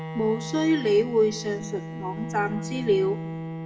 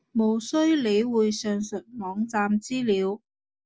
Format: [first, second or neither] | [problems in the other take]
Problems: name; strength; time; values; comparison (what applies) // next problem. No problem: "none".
second | background sound (Bowed string instrument); 9 dB below the speech // room echo; dies away in 0.9 s